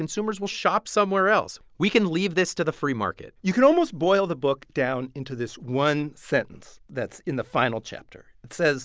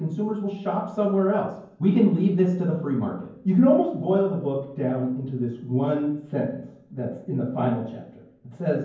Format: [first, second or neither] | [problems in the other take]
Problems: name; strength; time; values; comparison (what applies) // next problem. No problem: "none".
first | room echo; dies away in 0.9 s